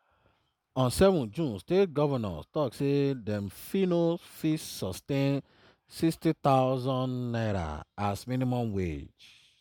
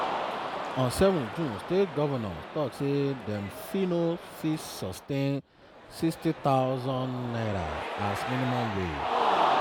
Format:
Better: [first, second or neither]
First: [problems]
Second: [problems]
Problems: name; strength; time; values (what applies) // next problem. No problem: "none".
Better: first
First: none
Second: background sound (Cheering); 4 dB below the speech